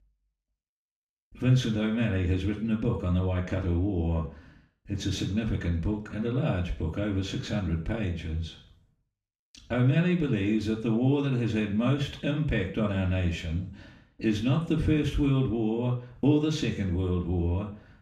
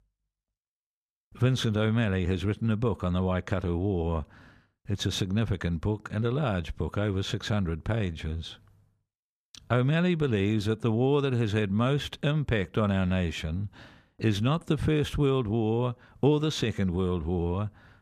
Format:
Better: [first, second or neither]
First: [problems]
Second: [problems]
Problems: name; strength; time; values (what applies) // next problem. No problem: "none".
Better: second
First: room echo; slight; dies away in 0.4 s // off-mic speech; far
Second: none